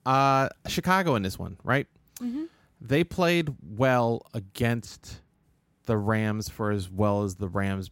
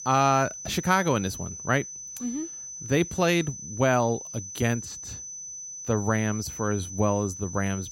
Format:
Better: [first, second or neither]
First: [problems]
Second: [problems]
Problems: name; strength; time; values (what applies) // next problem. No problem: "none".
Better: first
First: none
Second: high-pitched whine; loud; throughout; 6 kHz, 10 dB below the speech